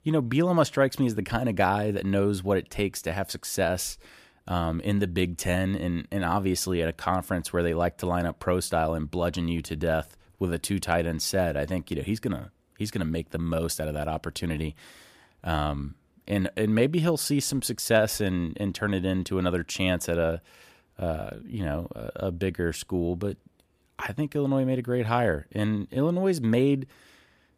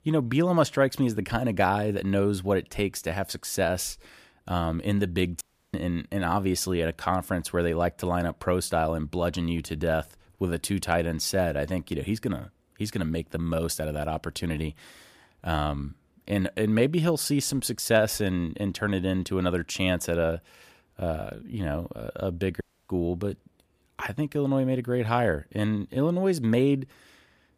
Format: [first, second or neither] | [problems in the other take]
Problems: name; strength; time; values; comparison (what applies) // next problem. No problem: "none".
first | audio cutting out; at 5.5 s and at 23 s